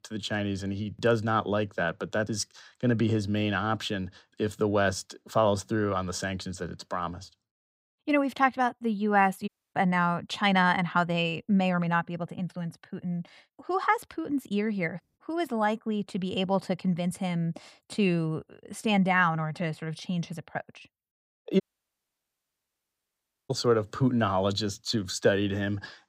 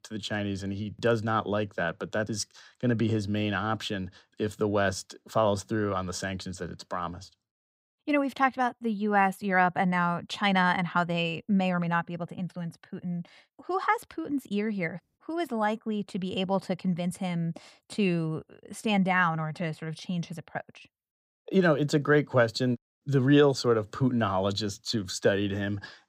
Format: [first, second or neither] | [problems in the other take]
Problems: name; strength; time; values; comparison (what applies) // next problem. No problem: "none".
second | audio cutting out; at 9.5 s and at 22 s for 2 s